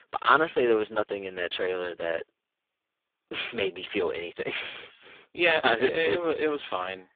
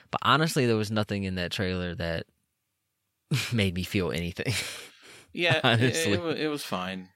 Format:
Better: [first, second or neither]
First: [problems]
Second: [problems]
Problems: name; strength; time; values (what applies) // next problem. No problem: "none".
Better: second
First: phone-call audio; poor line; nothing above 3.5 kHz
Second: none